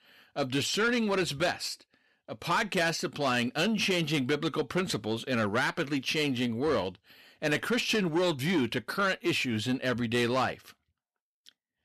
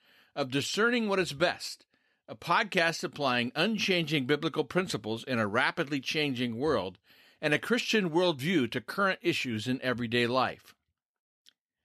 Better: second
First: distortion; slight; 10 dB below the speech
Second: none

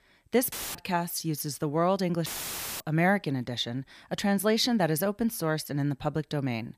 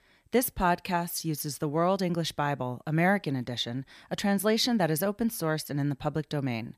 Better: second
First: audio cutting out; filled with static; at 0.5 s and at 2.5 s for 0.5 s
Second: none

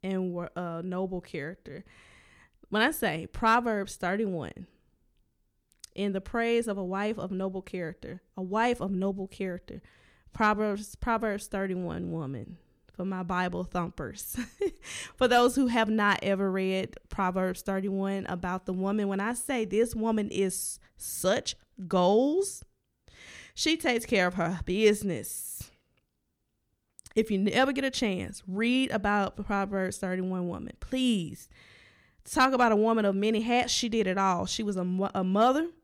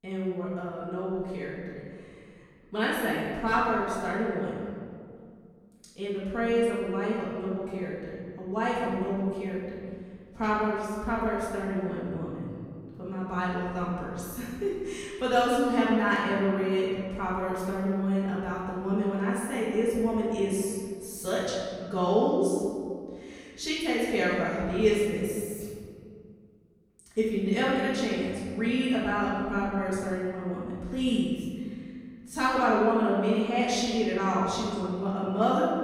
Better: first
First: none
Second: off-mic speech; far // room echo; strong; dies away in 1.9 s

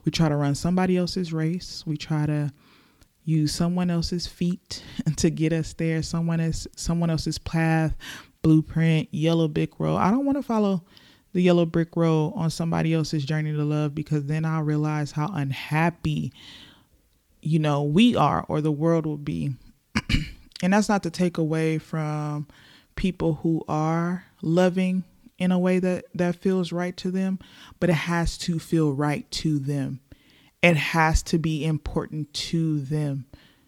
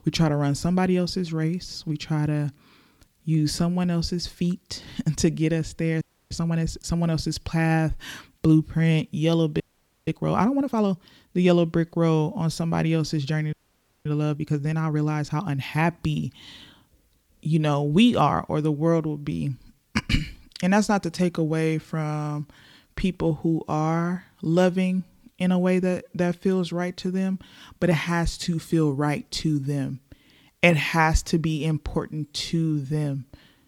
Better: first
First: none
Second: audio freezing; at 6 s, at 9.5 s and at 14 s for 0.5 s

